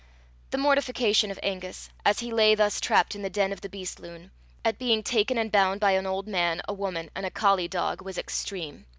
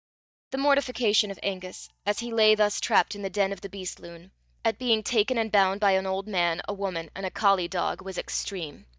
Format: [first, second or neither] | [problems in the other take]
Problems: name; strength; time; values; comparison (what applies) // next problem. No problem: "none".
first | noise reduction (neural mask model DeepFilterNet 3)